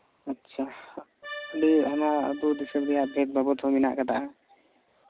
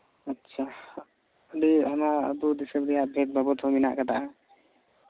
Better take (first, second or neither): second